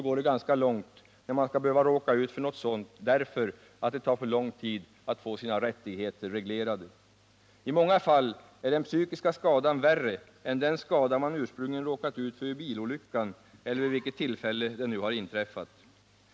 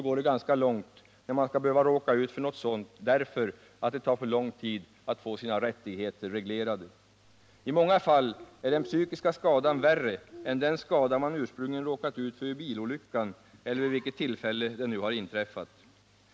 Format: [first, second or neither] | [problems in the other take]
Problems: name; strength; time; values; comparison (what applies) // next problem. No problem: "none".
first | background sound (Bird); 20 dB below the speech